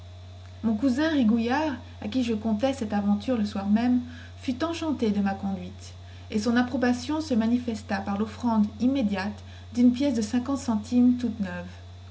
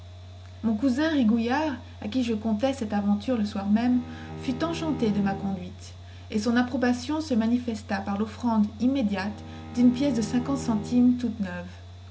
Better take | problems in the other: first | background sound (Bowed string instrument); 14 dB below the speech

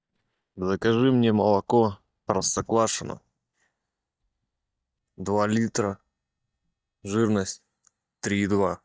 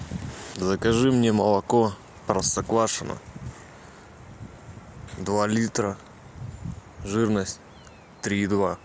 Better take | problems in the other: second | noise reduction (neural mask model DeepFilterNet 3)

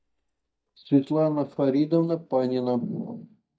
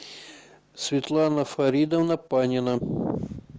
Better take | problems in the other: second | noise reduction (neural mask model DeepFilterNet 3)

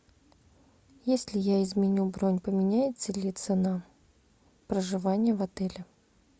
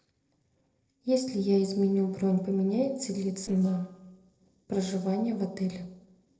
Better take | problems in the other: first | noise reduction (neural separator model SepFormer DNS4)

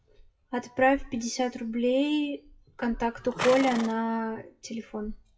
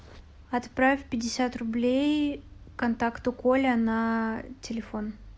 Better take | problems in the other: second | noise reduction (classical method WPE with log-MMSE)

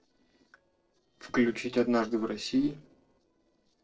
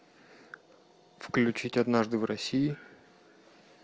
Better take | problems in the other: second | noise reduction (neural separator model SepFormer DNS4)

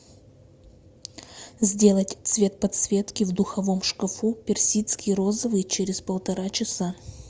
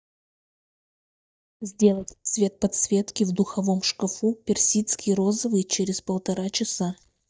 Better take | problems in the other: first | noise reduction (neural mask model DeepFilterNet 3)

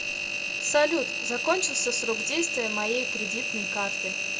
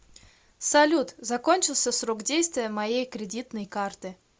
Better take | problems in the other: second | background sound (Engine); 1 dB below the speech // room echo; dies away in 0.3 s

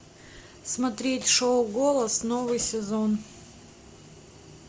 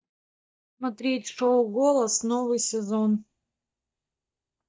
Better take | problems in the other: first | noise reduction (neural mask model DeepFilterNet 3)

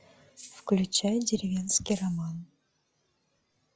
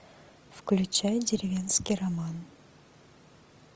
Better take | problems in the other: second | noise reduction (classical method log-MMSE)

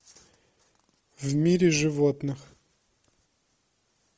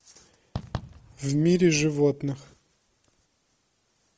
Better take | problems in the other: first | background sound (Fireworks); 13 dB below the speech

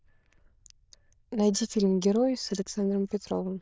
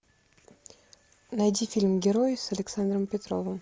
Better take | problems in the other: second | noise reduction (neural diffusion model UNIVERSE++)

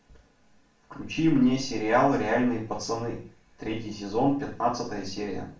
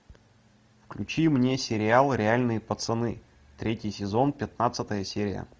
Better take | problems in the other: second | room echo; dies away in 0.4 s

